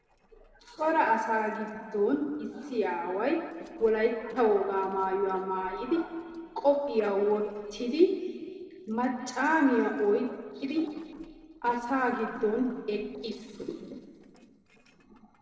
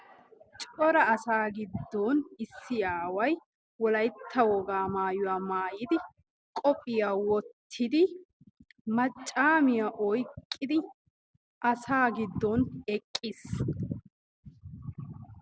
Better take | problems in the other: second | noise reduction (neural separator model SepFormer DNS4)

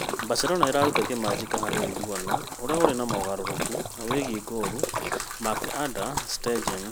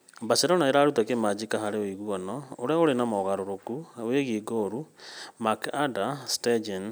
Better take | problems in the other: second | background sound (Splash, splatter); 1 dB below the speech

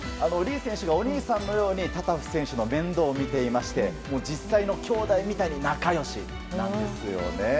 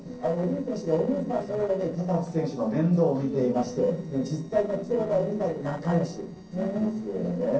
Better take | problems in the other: first | noise reduction (neural separator model SepFormer DNS4)

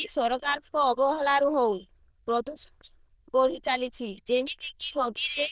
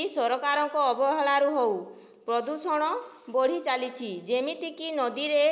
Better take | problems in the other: second | noise reduction (neural diffusion model UNIVERSE++)

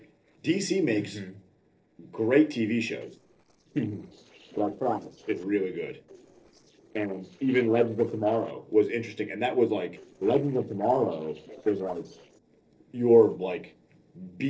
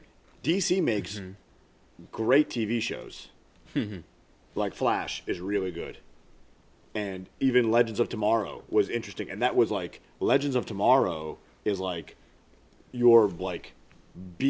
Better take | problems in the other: second | noise reduction (neural separator model SepFormer DNS4)

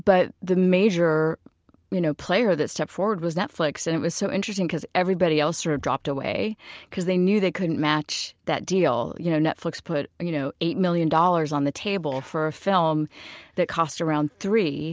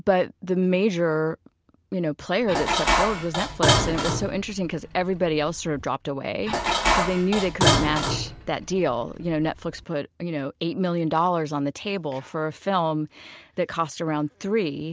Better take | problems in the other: first | background sound (Dishes, pots, and pans); as loud as the speech

